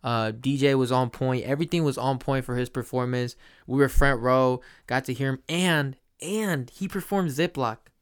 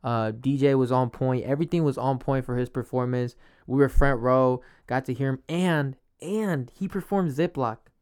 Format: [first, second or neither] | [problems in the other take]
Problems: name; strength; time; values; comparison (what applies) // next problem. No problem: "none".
first | muffled; slightly; fading above 1.5 kHz